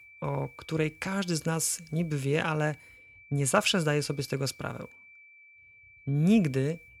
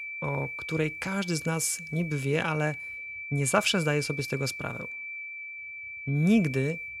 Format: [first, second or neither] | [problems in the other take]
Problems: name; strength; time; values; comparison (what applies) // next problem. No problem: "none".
first | high-pitched whine; loud; throughout; 2.5 kHz, 8 dB below the speech; faint in the first